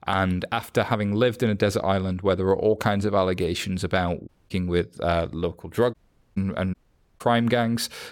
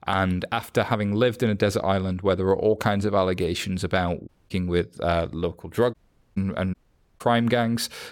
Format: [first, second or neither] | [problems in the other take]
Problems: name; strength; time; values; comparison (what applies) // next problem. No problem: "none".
neither | audio cutting out; at 4.5 s, at 6 s and at 6.5 s; the same in both